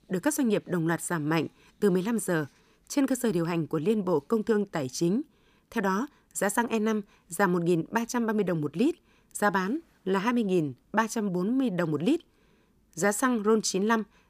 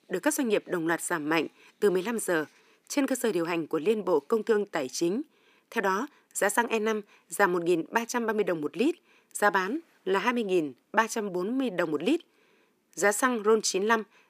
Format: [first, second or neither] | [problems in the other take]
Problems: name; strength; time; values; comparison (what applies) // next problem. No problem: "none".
first | thin; very slightly; fading below 350 Hz